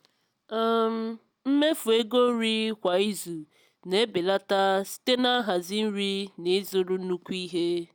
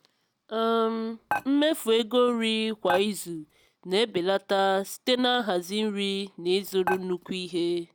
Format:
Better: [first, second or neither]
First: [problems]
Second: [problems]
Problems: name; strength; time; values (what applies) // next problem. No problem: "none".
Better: first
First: none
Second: background sound (Dishes, pots, and pans); 10 dB below the speech